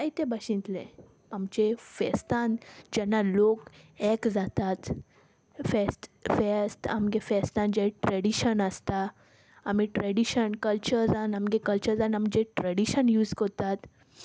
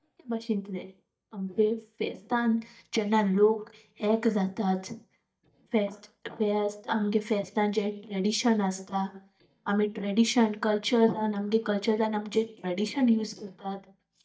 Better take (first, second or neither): first